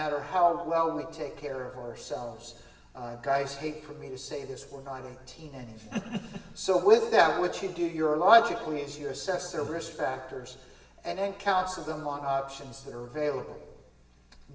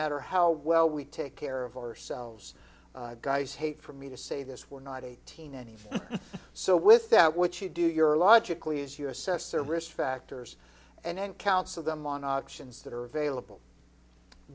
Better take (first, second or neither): second